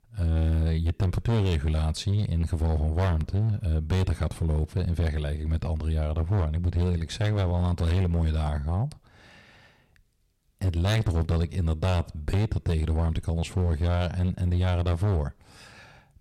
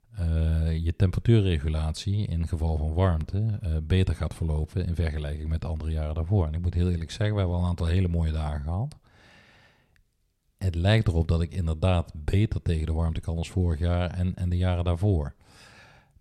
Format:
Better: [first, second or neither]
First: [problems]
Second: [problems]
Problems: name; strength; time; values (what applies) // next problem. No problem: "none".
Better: second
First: distortion; slight; 14% of the sound clipped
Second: none